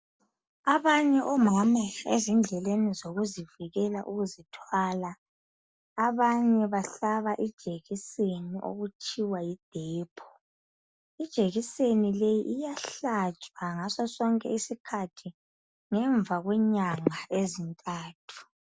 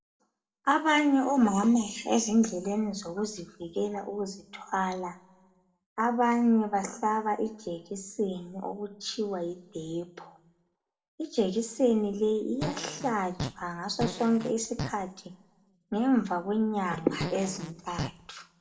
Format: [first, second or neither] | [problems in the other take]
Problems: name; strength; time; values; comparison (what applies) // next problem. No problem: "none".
first | background sound (Fart); 8 dB below the speech // room echo; dies away in 0.7 s